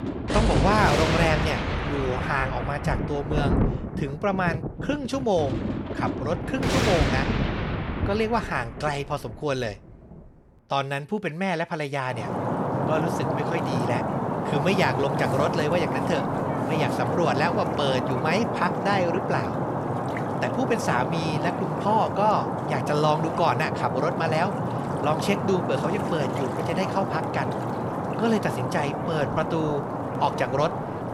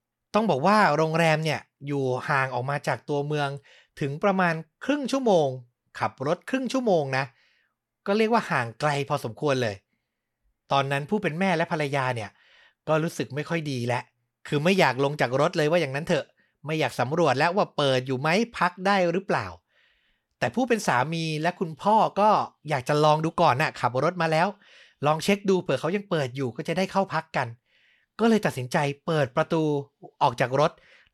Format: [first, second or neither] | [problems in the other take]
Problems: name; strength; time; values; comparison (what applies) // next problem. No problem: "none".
second | rain or running water; loud; throughout; 1 dB below the speech